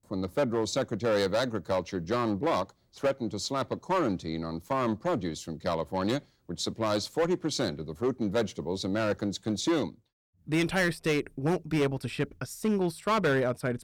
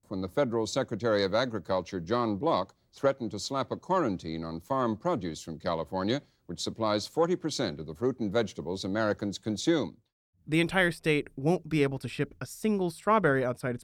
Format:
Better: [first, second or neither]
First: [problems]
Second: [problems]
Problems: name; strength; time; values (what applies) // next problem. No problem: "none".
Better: second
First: distortion; slight; 6% of the sound clipped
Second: none